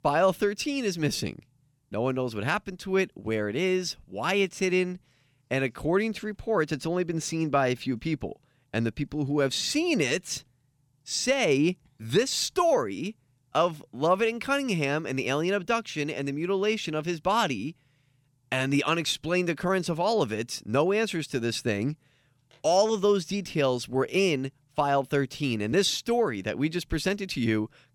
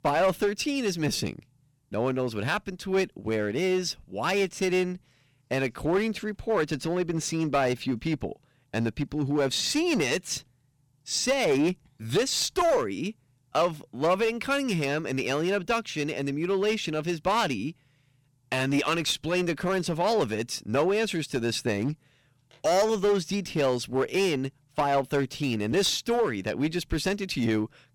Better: first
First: none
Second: distortion; slight; 6% of the sound clipped

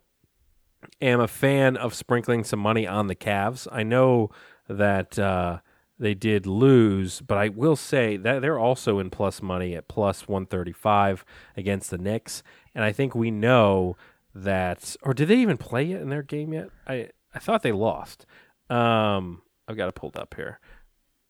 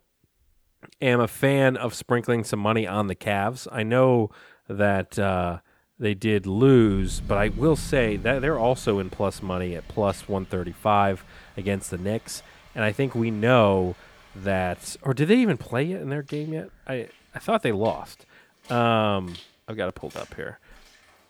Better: first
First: none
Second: rain or running water; noticeable; from 7 s on; 20 dB below the speech

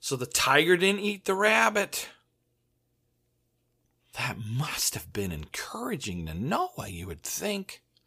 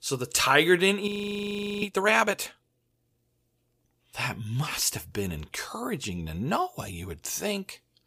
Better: first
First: none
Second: audio freezing; at 1 s for 0.5 s

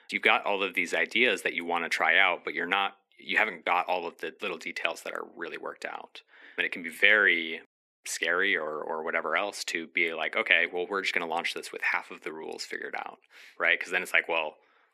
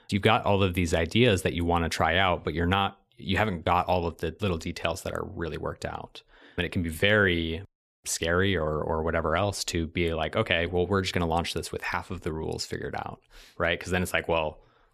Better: second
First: thin; somewhat; fading below 250 Hz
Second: none

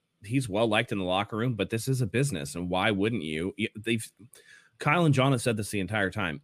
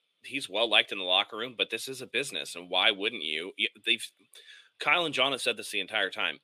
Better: first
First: none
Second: thin; somewhat; fading below 500 Hz

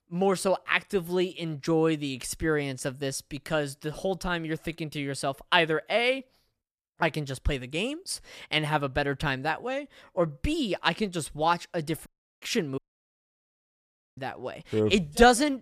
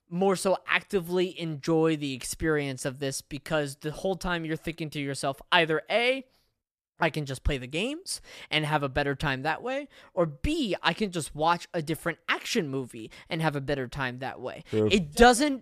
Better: second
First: audio cutting out; at 12 s and at 13 s for 1.5 s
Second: none

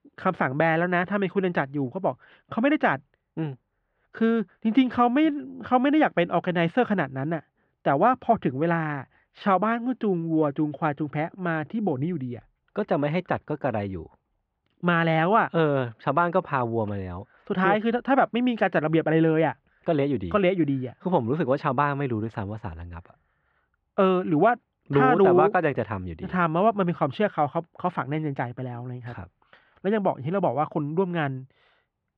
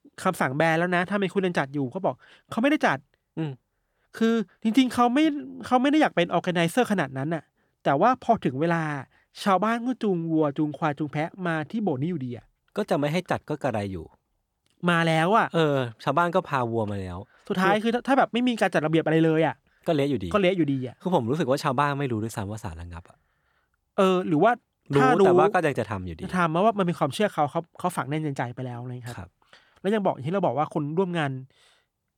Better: second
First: muffled; very; fading above 2.5 kHz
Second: none

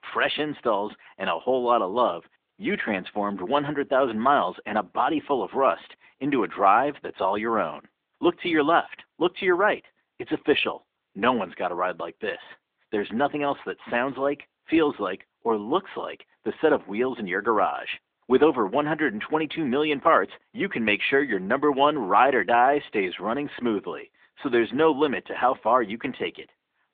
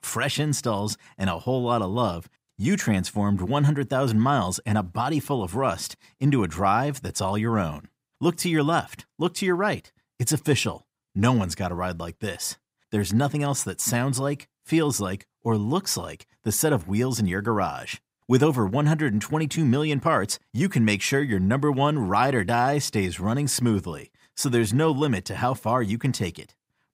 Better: second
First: phone-call audio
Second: none

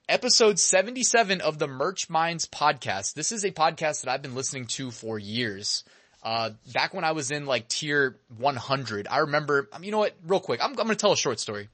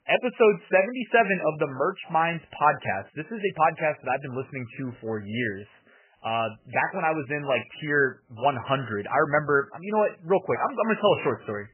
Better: first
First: garbled, watery; slightly; nothing above 8 kHz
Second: garbled, watery; badly; nothing above 3 kHz

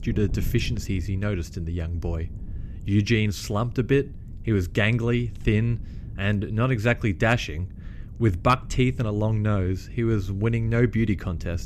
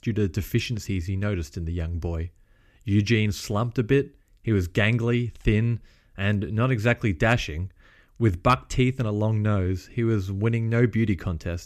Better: second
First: wind noise on the microphone; occasional gusts; 25 dB below the speech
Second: none

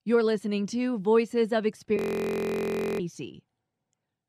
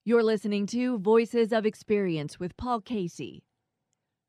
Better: second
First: audio freezing; at 2 s for 1 s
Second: none

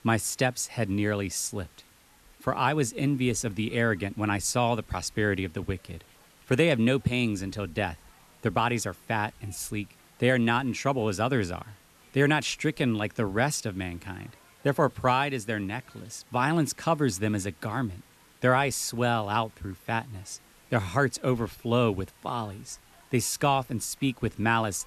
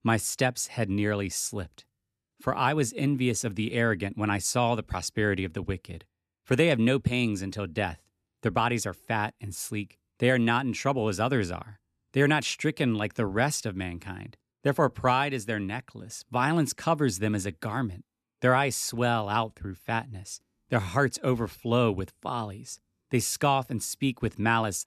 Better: second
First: hiss; faint; throughout; 30 dB below the speech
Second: none

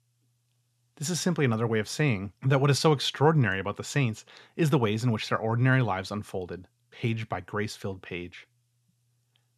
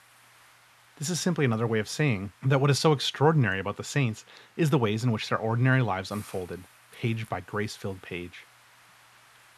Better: first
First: none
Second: hiss; faint; throughout; 30 dB below the speech

